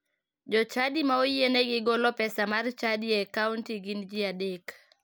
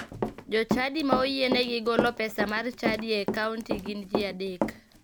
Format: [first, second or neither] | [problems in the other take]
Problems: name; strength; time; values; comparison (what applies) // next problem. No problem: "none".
first | background sound (Run); 3 dB below the speech